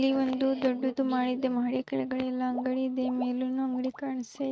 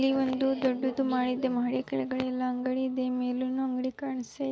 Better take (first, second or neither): second